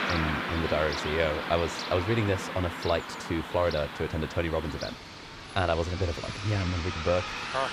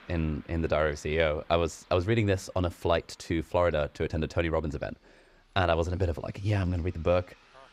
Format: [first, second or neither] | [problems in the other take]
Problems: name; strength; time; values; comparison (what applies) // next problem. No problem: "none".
second | traffic noise; loud; throughout; 5 dB below the speech; faint in the second